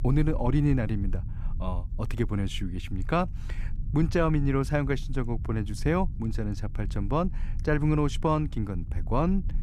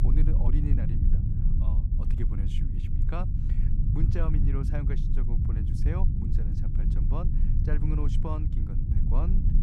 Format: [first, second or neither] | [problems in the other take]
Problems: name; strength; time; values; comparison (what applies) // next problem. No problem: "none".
first | low rumble; loud; throughout; 1 dB below the speech; faint in the first